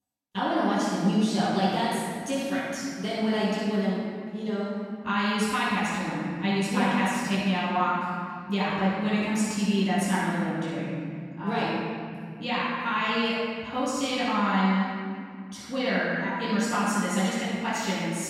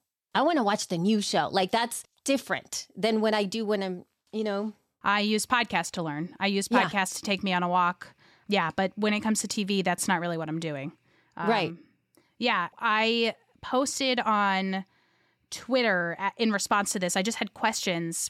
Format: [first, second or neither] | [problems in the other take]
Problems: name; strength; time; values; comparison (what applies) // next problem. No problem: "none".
second | off-mic speech; far // room echo; strong; dies away in 2.7 s